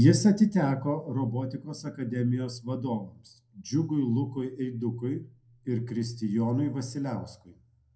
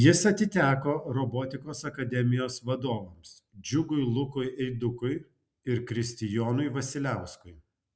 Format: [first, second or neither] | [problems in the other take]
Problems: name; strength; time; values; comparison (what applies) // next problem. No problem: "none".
second | room echo; dies away in 0.2 s